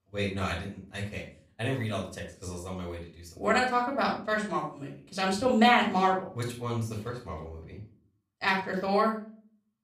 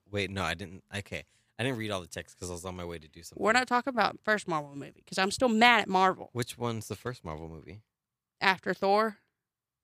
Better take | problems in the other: second | off-mic speech; far // room echo; slight; dies away in 0.4 s

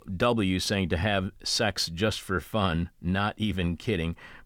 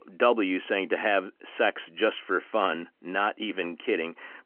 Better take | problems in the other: first | phone-call audio; nothing above 3 kHz

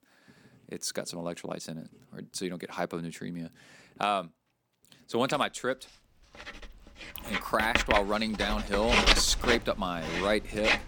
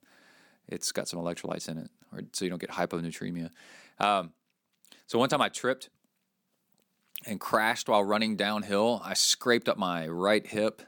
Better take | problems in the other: second | household noises; very loud; throughout; 1 dB above the speech

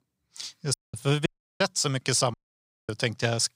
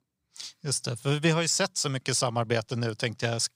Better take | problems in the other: second | audio cutting out; at 0.5 s, at 1.5 s and at 2.5 s for 0.5 s

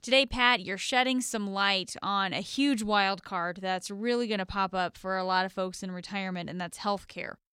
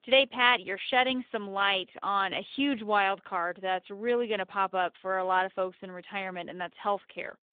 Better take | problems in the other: first | phone-call audio; nothing above 3.5 kHz

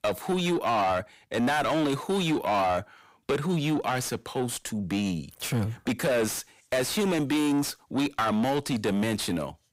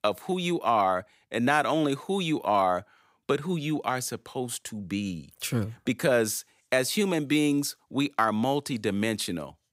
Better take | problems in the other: second | distortion; heavy; 7 dB below the speech

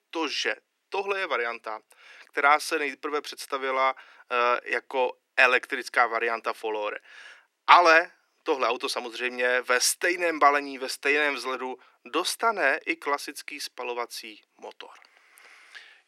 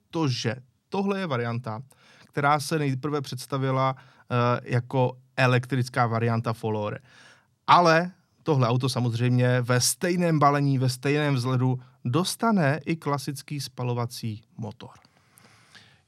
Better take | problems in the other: second | thin; very; fading below 350 Hz

